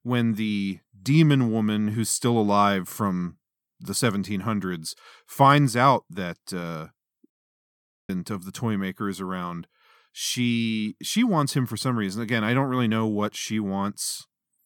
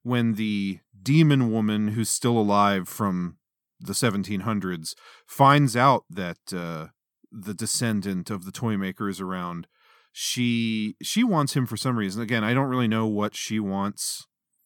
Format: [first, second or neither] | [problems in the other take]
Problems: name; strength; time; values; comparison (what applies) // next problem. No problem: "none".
second | audio cutting out; at 7.5 s for 1 s